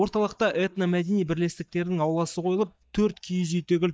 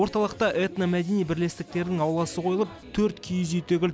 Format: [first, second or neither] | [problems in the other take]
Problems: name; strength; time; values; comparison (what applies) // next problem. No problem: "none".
second | noise reduction (neural mask model DeepFilterNet 3)